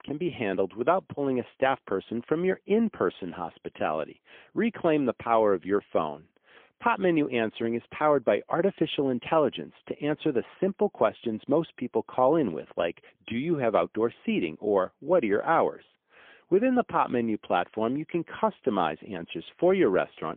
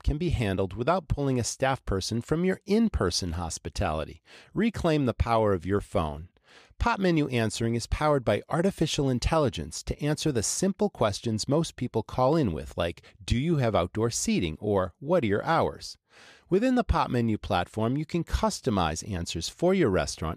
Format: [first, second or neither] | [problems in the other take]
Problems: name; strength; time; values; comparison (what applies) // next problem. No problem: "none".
second | phone-call audio; poor line; nothing above 3.5 kHz